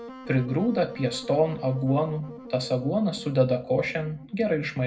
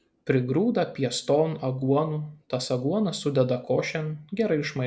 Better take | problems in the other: second | background sound (Wind instrument, woodwind instrument); 16 dB below the speech // room echo; dies away in 0.3 s

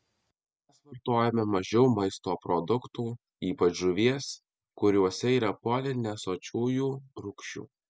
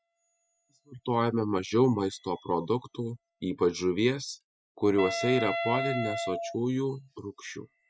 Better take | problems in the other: first | noise reduction (classical method Wiener filter)

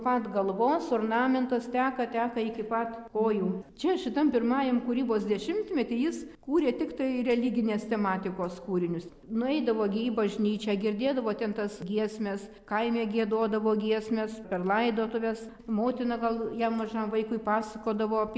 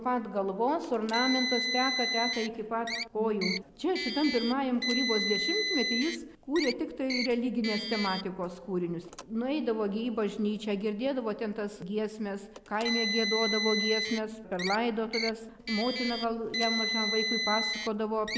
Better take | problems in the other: first | background sound (Car); 4 dB below the speech

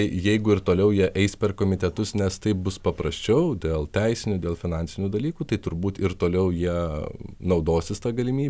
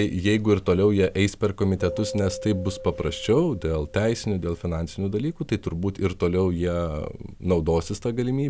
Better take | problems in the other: first | background sound (Keyboard (musical)); 18 dB below the speech

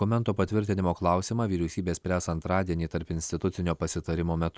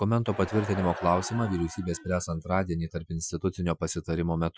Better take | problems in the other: first | noise reduction (classical method Wiener filter)

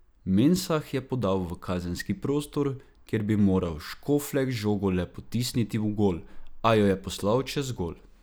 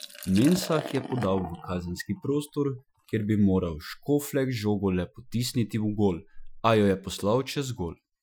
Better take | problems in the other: first | noise reduction (classical method Wiener filter)

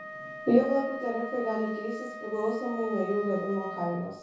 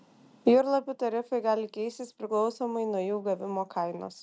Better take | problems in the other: second | background sound (Wind instrument, woodwind instrument); 10 dB below the speech // room echo; dies away in 0.5 s

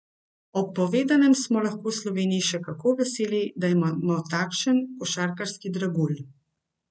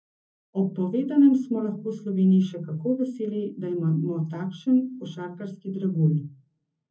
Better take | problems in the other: first | room echo; dies away in 0.3 s

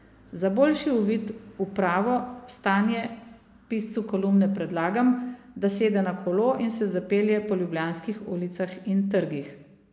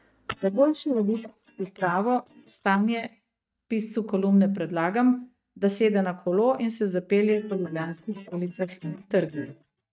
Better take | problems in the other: first | noise reduction (neural mask model DeepFilterNet 3)

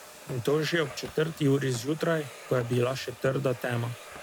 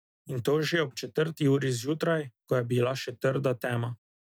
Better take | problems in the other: second | background sound (Domestic sounds, home sounds); 16 dB below the speech

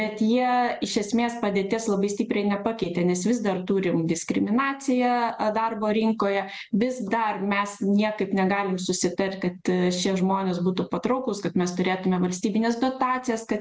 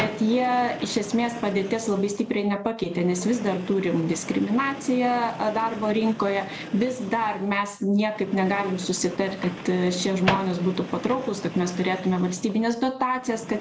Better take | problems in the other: first | background sound (Microwave oven + Train); 12 dB below the speech

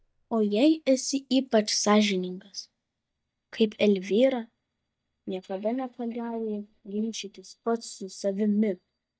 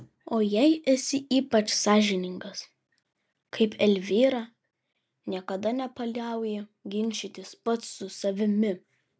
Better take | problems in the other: second | noise reduction (neural mask model DeepFilterNet 3)

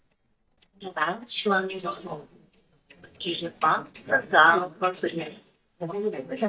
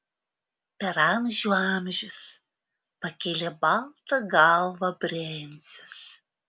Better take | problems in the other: second | noise reduction (neural mask model DeepFilterNet 3)

